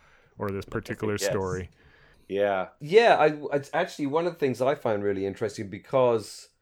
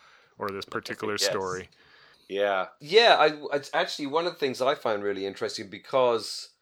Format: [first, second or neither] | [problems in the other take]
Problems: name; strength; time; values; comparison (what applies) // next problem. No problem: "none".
first | thin; very slightly; fading below 400 Hz